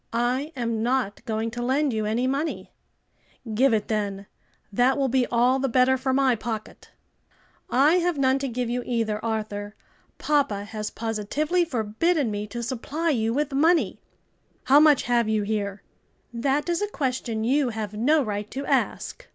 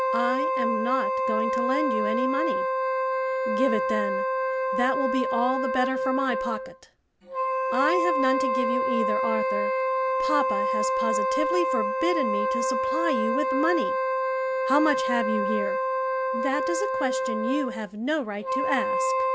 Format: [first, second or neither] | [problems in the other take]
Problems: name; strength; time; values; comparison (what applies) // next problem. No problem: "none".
first | background sound (Wind instrument, woodwind instrument); 4 dB above the speech